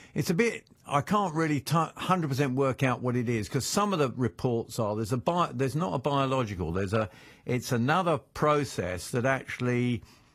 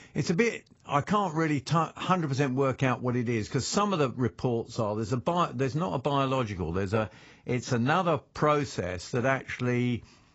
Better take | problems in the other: first | garbled, watery; badly; nothing above 7.5 kHz; slightly in the first

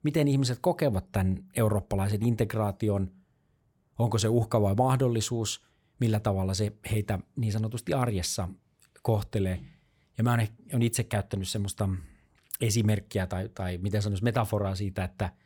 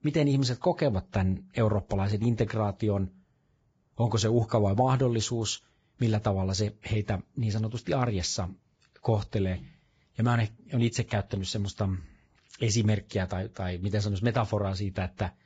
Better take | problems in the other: first | garbled, watery; badly; nothing above 7.5 kHz

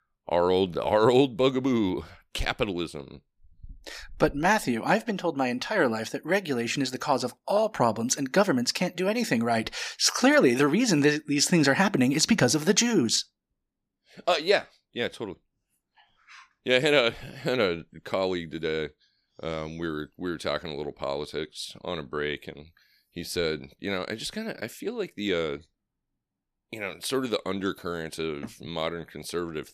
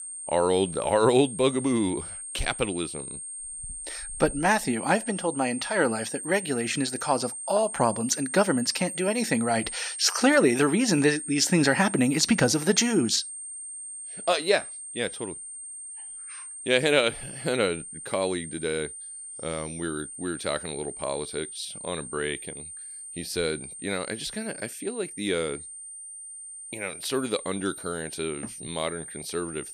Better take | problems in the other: first | high-pitched whine; loud; throughout; 8.5 kHz, 9 dB below the speech

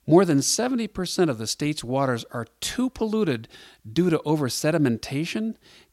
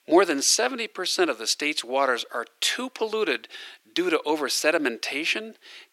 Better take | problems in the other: first | thin; somewhat; fading below 350 Hz

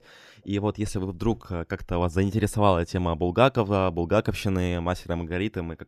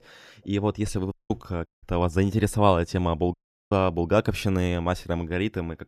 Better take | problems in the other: first | audio cutting out; at 1 s, at 1.5 s and at 3.5 s

